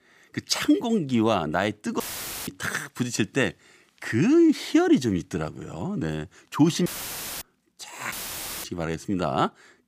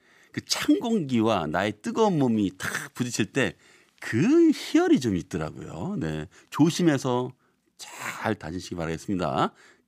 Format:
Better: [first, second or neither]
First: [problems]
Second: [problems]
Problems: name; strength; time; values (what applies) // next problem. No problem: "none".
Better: second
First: audio cutting out; filled with static; at 2 s, at 7 s for 0.5 s and at 8 s for 0.5 s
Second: none